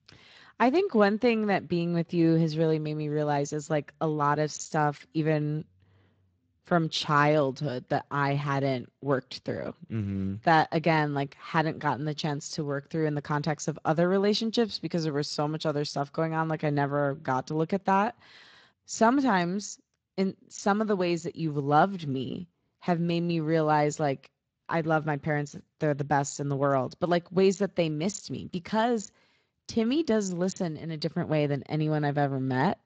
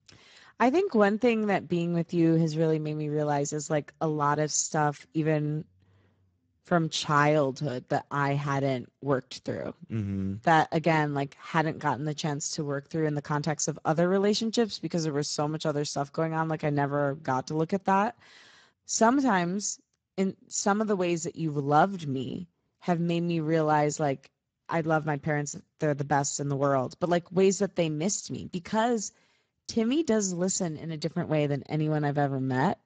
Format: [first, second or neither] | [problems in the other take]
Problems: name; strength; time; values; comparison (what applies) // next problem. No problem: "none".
first | garbled, watery; badly; nothing above 7.5 kHz; slightly in the first